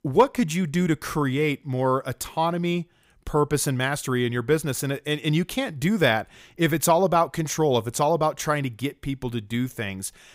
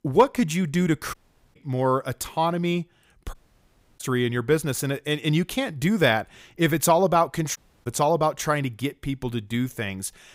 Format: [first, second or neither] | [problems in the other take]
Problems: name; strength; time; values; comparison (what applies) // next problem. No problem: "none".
first | audio cutting out; at 1 s, at 3.5 s for 0.5 s and at 7.5 s